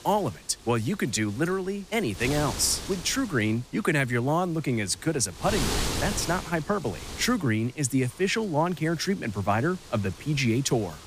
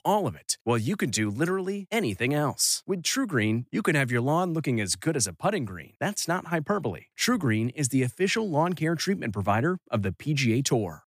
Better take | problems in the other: second | wind noise on the microphone; heavy; 8 dB below the speech

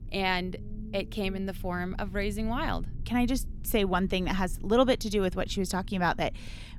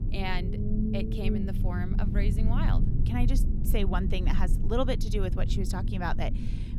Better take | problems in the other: first | low rumble; loud; throughout; 6 dB below the speech; faint in the first

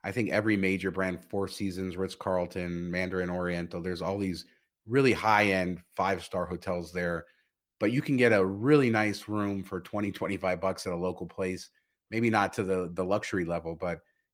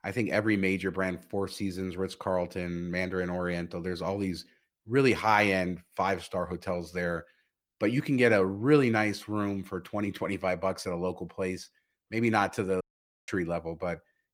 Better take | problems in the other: first | audio cutting out; at 13 s

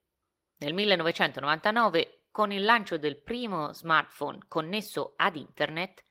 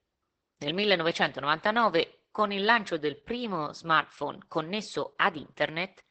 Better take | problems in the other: first | garbled, watery; badly; nothing above 8 kHz; slightly in the first

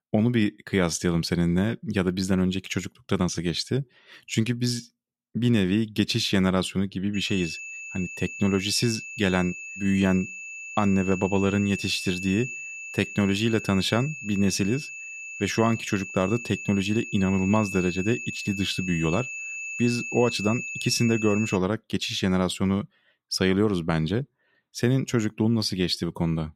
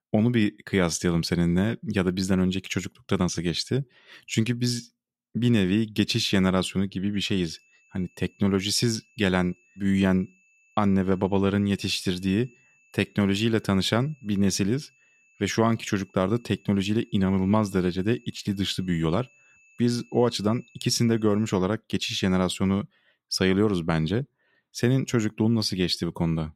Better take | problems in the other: second | high-pitched whine; loud; from 7 to 22 s; 2.5 kHz, 8 dB below the speech; faint in the second

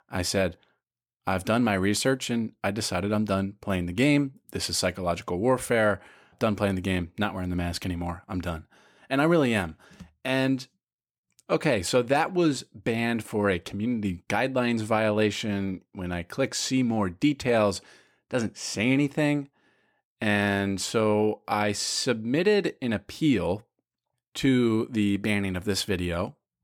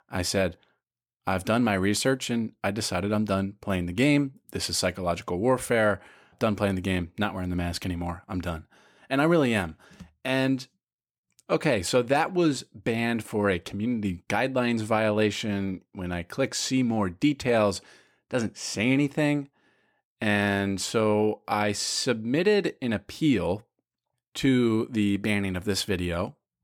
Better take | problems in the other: neither | none

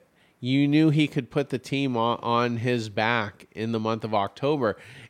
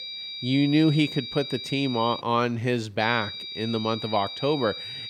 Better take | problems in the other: first | high-pitched whine; loud; until 2 s and from 3 s on; 4 kHz, 8 dB below the speech

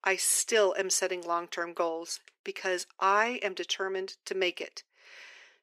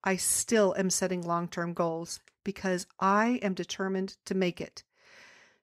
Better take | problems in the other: second | thin; very; fading below 350 Hz

